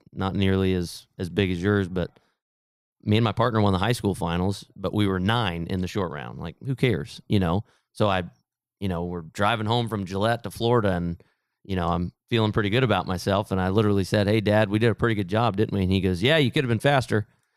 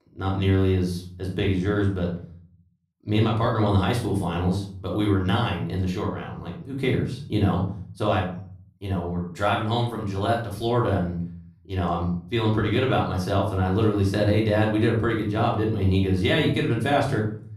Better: first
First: none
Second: off-mic speech; far // room echo; noticeable; dies away in 0.4 s

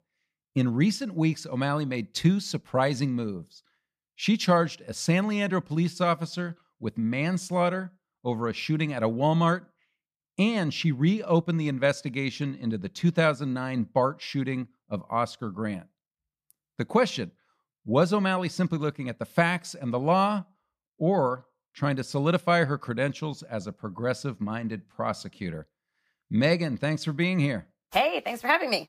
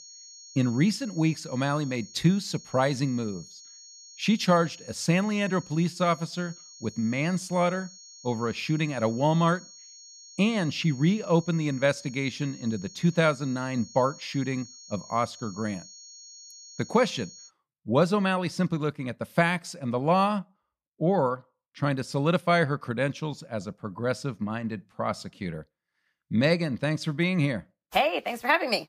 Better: first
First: none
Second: high-pitched whine; noticeable; until 17 s; 6.5 kHz, 20 dB below the speech

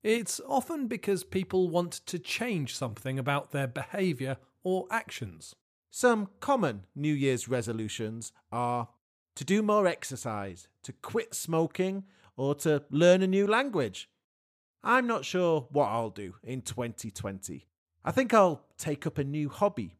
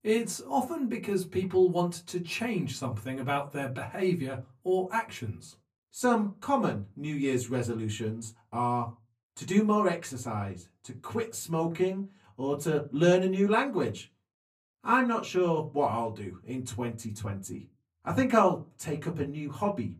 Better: first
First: none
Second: off-mic speech; far // room echo; very slight; dies away in 0.2 s

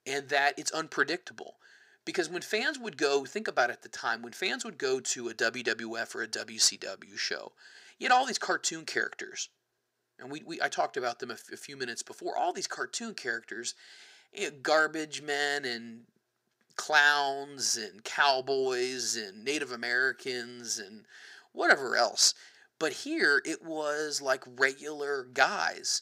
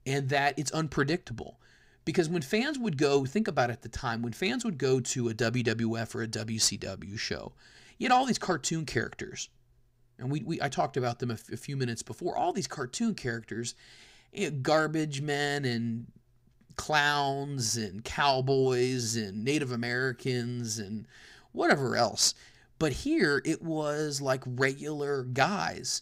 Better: second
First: thin; very; fading below 450 Hz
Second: none

